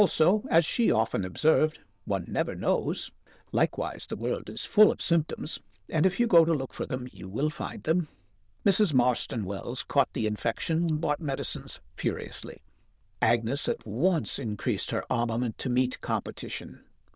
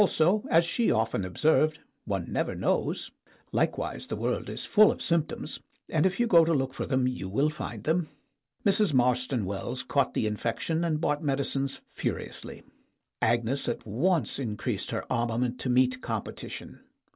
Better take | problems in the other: second | noise reduction (neural diffusion model UNIVERSE++)

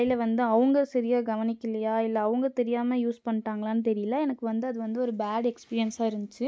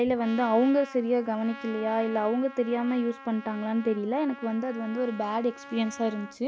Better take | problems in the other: first | background sound (Trumpet); 17 dB below the speech

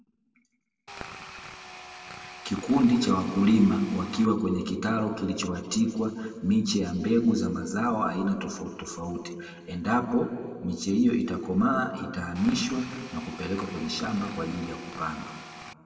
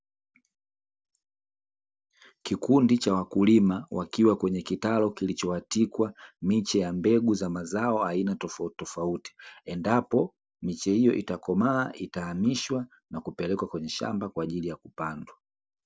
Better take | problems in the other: second | background sound (Tools); 15 dB below the speech // room echo; dies away in 1.9 s

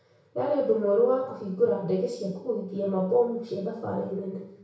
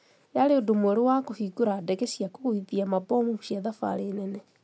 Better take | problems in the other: second | room echo; dies away in 0.6 s

